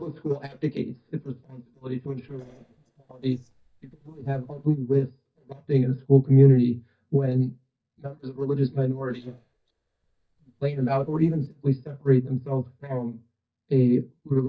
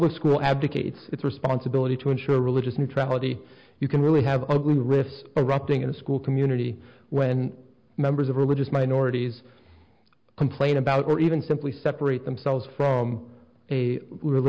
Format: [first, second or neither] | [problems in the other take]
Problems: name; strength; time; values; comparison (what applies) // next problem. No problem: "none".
second | noise reduction (neural mask model DeepFilterNet 3)